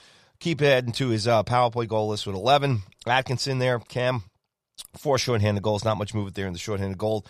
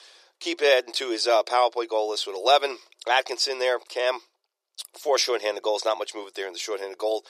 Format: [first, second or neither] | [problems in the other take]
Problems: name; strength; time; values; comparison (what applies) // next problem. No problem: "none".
first | thin; very; fading below 350 Hz